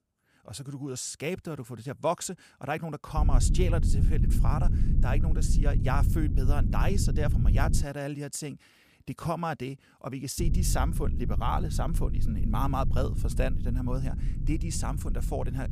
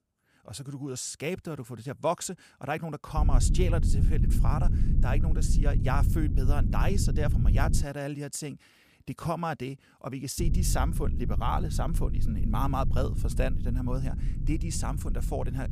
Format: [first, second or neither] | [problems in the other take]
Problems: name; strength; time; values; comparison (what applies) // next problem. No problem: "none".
neither | low rumble; loud; from 3 to 8 s and from 10 s on; 8 dB below the speech; the same in both